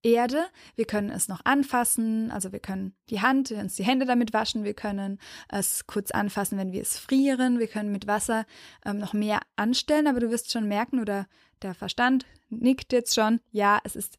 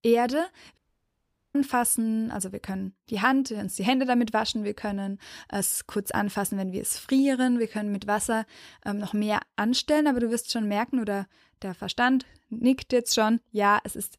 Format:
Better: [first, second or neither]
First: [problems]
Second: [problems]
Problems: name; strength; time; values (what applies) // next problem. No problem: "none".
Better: first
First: none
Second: audio cutting out; at 1 s for 1 s